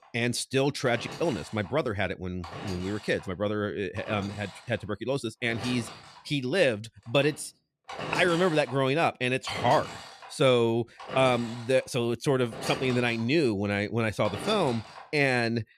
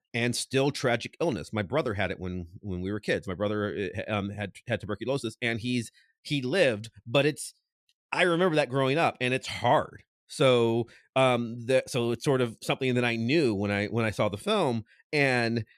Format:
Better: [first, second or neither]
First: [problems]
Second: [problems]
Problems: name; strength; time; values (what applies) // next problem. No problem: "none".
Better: second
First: machinery noise; noticeable; throughout; 15 dB below the speech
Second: none